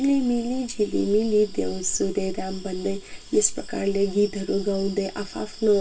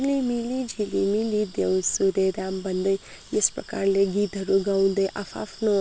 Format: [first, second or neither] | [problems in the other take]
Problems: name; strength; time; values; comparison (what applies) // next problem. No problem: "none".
second | room echo; dies away in 0.2 s